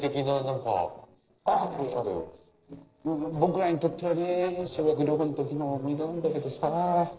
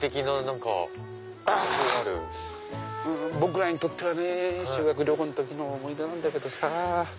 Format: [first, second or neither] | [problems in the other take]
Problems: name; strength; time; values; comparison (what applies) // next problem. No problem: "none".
second | noise reduction (neural separator model SepFormer DNS4)